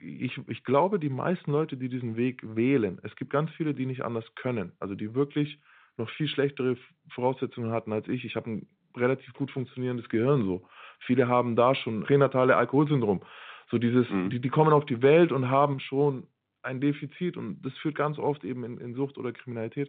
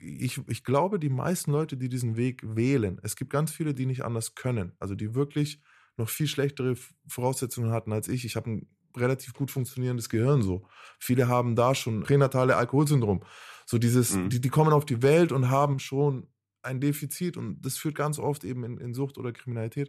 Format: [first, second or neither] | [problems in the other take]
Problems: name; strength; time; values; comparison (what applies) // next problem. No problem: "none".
second | phone-call audio; nothing above 3.5 kHz